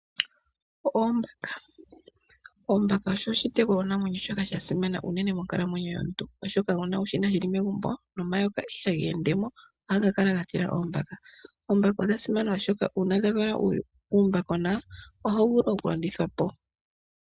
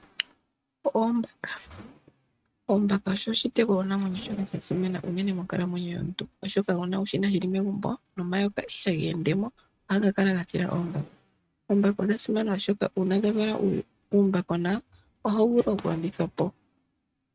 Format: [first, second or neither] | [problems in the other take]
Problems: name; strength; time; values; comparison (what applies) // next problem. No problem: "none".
first | noise reduction (neural mask model RNNoise)